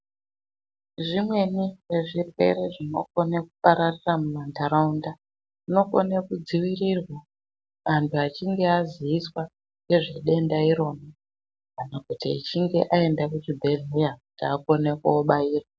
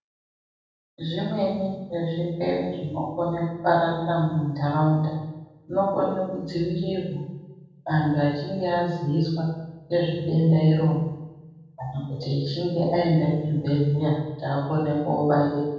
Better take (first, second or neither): first